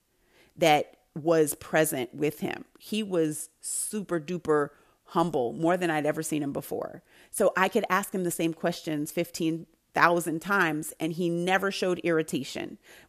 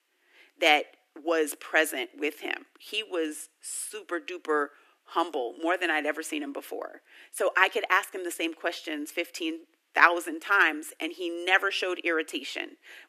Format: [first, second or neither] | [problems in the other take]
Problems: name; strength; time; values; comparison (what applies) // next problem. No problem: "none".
first | thin; somewhat; fading below 300 Hz